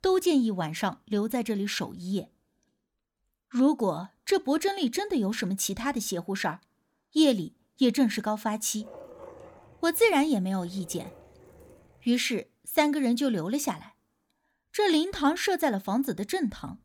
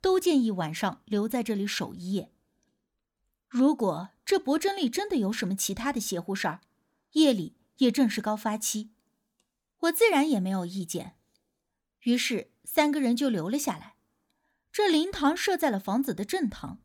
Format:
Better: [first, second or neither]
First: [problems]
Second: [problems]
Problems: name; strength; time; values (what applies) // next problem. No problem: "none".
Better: second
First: dog barking; faint; from 9 to 12 s; peak 20 dB below the speech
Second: none